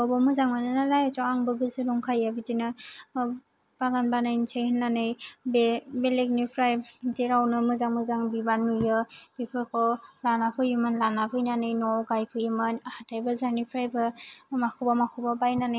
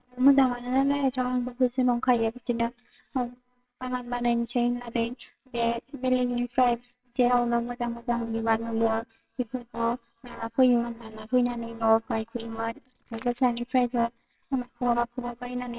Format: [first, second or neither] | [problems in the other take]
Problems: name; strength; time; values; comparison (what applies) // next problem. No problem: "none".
first | noise reduction (neural separator model SepFormer WHAMR!)